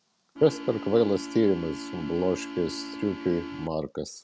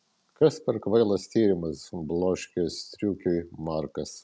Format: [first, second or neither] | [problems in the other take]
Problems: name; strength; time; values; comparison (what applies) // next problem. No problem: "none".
second | background sound (Organ); 10 dB below the speech